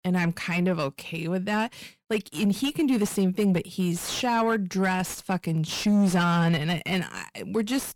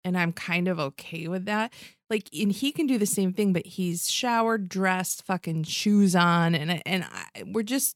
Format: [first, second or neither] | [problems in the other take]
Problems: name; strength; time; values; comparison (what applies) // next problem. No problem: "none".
second | distortion; slight; 9 dB below the speech